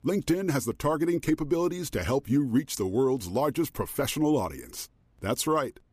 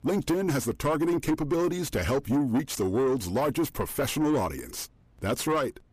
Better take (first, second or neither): first